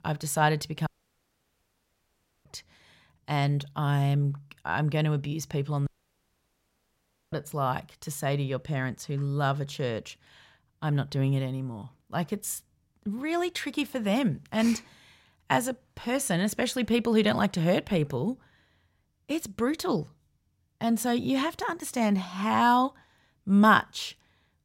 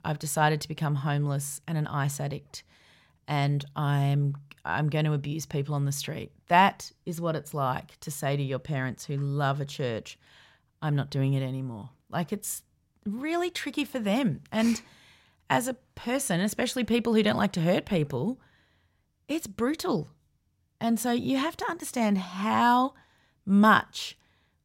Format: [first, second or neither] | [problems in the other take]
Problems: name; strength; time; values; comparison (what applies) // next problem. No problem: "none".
second | audio cutting out; at 1 s for 1.5 s and at 6 s for 1.5 s